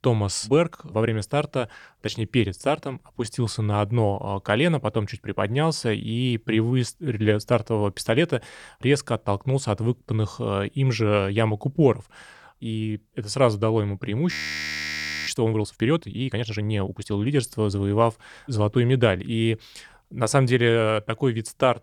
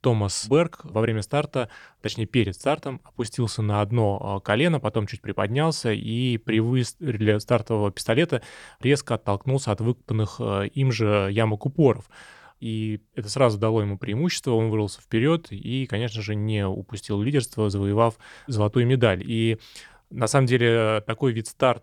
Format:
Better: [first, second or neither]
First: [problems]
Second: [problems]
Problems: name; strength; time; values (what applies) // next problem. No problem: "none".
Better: second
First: audio freezing; at 14 s for 1 s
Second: none